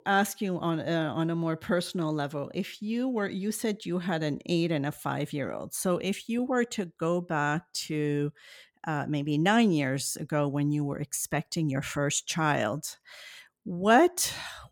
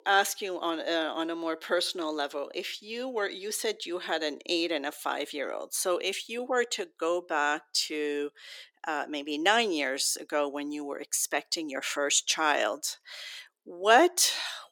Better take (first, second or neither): first